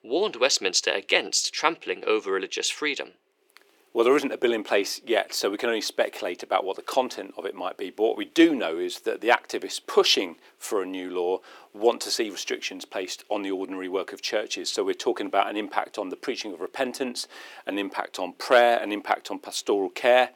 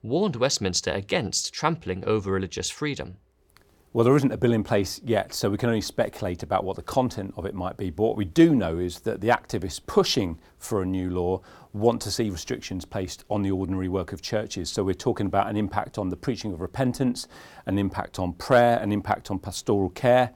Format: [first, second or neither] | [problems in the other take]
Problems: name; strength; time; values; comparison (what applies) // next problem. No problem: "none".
second | thin; somewhat; fading below 350 Hz